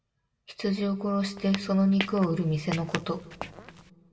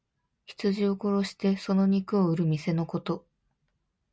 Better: second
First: background sound (Squeak / Walk, footsteps); 11 dB below the speech // room echo; dies away in 1.7 s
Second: none

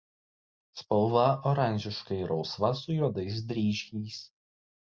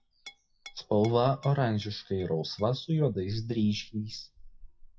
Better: first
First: none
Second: noise reduction (classical method WPE with log-MMSE)

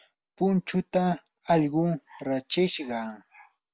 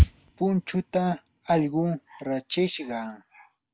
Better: first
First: none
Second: background sound (Thump, thud); 4 dB below the speech

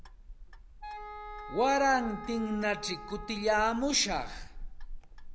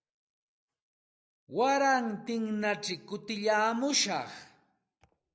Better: second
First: background sound (Wind instrument, woodwind instrument + Clock); 11 dB below the speech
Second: none

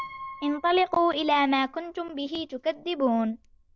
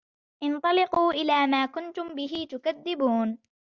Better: second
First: background sound (Piano); 19 dB below the speech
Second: none

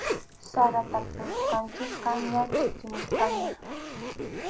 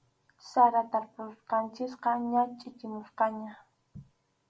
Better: second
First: background sound (Zipper (clothing)); 1 dB below the speech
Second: none

